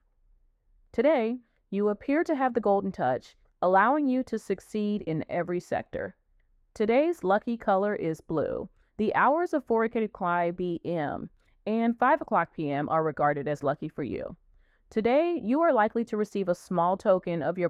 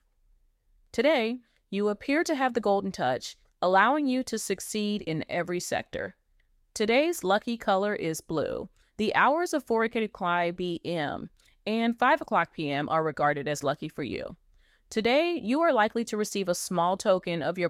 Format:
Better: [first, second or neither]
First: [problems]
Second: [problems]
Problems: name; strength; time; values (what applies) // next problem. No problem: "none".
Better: second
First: muffled; very; fading above 2.5 kHz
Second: none